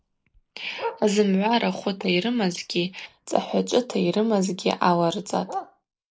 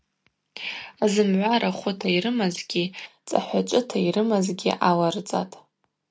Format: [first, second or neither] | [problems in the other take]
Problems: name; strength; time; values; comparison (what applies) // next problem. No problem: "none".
second | noise reduction (neural mask model Resemble Enhance denoiser)